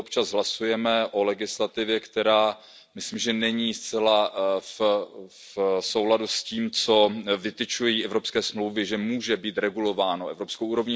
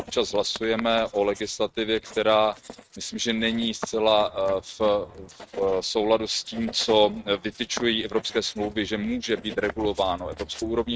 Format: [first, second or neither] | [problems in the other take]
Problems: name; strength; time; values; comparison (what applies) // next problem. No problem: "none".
first | noise reduction (neural mask model RNNoise)